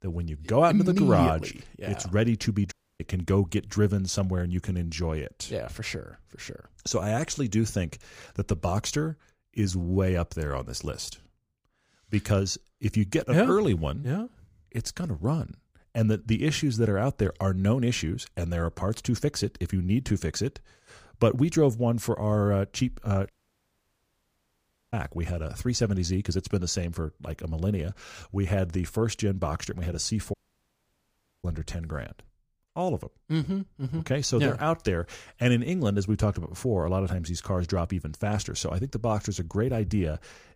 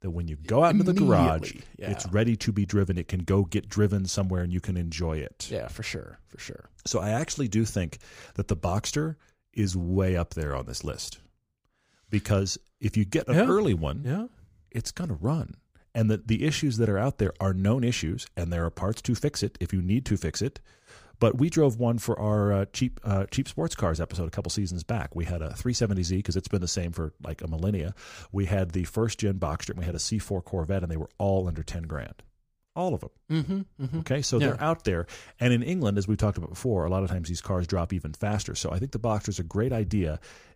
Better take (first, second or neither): second